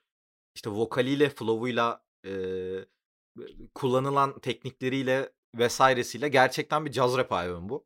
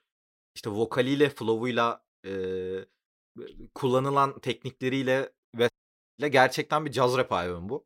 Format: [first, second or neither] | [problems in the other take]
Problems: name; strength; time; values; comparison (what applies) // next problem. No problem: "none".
first | audio cutting out; at 5.5 s